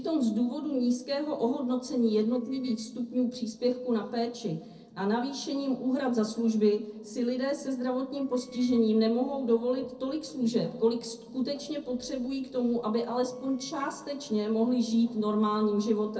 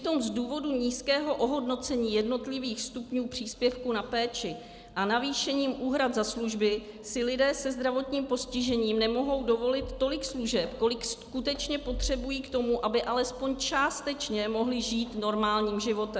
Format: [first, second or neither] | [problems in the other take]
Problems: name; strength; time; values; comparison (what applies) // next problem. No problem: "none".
second | noise reduction (neural separator model SepFormer DNS4)